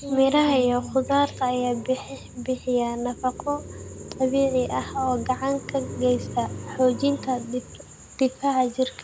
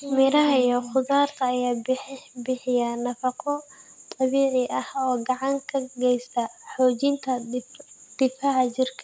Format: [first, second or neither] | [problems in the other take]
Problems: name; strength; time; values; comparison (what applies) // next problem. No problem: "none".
second | background sound (Car passing by); 14 dB below the speech